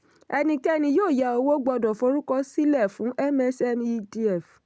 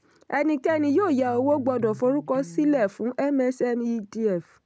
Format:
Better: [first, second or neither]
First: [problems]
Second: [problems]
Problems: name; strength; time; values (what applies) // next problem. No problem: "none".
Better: first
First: none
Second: background sound (Electric guitar); 18 dB below the speech